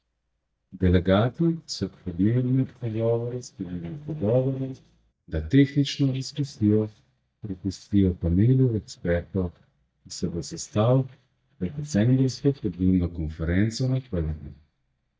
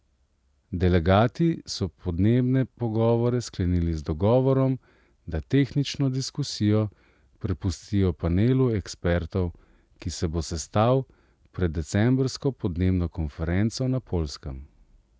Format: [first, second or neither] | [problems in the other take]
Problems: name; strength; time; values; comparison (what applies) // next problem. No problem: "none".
second | noise reduction (neural mask model DeepFilterNet 3)